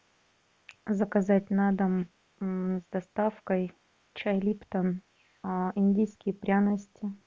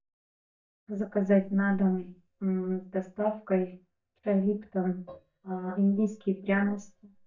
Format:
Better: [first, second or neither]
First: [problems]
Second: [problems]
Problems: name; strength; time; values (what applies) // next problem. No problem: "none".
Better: first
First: none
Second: noise reduction (neural mask model DeepFilterNet 3)